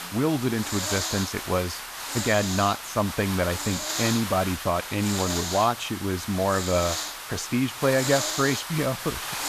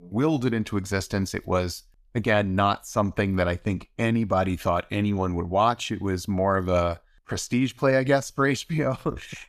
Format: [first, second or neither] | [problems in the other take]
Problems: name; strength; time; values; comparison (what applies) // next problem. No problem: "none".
second | hiss; loud; throughout; 4 dB below the speech